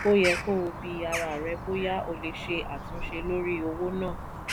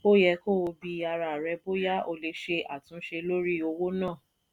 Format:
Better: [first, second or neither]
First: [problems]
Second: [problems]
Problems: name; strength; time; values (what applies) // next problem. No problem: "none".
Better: second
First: background sound (Bird vocalization, bird call, bird song); 6 dB below the speech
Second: none